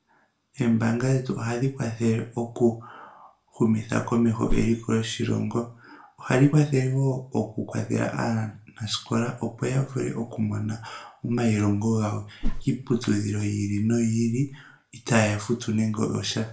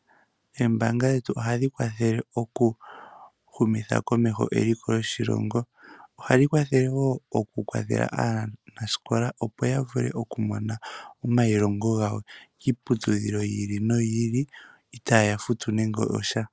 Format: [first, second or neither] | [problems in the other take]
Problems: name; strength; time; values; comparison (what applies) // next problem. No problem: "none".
second | background sound (Whoosh, swoosh, swish); 1 dB below the speech // room echo; dies away in 0.3 s